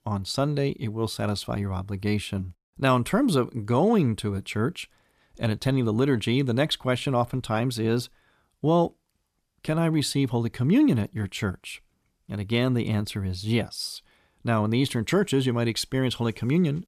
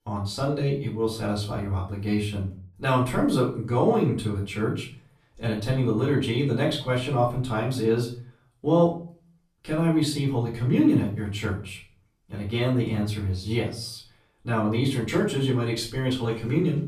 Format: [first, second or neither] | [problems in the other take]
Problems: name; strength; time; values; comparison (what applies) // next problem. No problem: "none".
first | off-mic speech; far // room echo; slight; dies away in 0.4 s